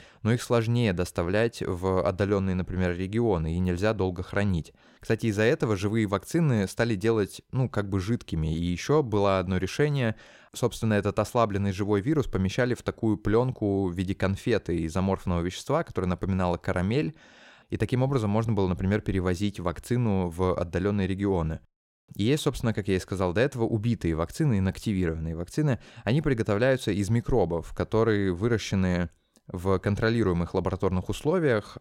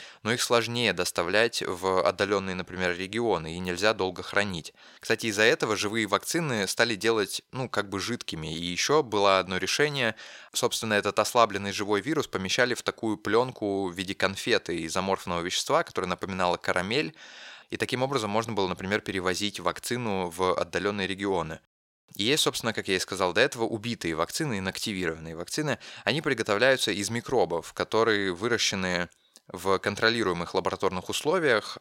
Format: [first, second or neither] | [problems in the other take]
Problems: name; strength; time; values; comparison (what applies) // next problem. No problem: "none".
first | thin; somewhat; fading below 1 kHz